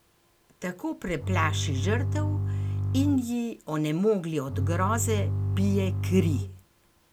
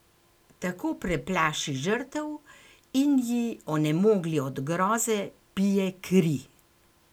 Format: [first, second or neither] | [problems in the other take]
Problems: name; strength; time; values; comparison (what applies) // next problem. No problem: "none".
second | background sound (Bowed string instrument); 1 dB above the speech